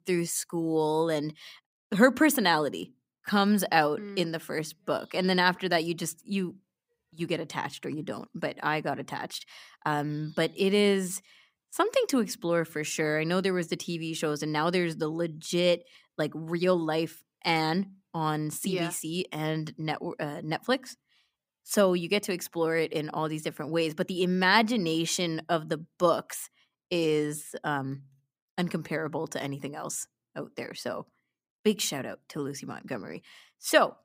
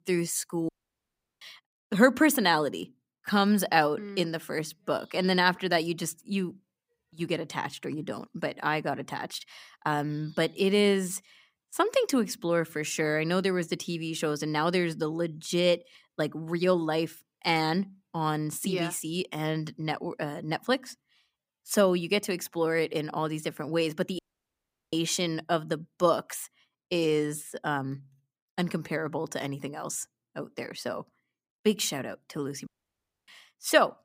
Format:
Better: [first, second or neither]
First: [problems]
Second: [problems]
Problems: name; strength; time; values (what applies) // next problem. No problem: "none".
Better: first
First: none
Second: audio cutting out; at 0.5 s for 0.5 s, at 24 s for 0.5 s and at 33 s for 0.5 s